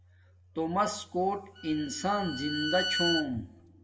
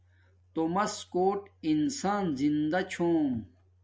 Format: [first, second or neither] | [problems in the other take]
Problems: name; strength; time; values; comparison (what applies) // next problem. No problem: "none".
second | background sound (Bowed string instrument); 5 dB below the speech // room echo; dies away in 0.6 s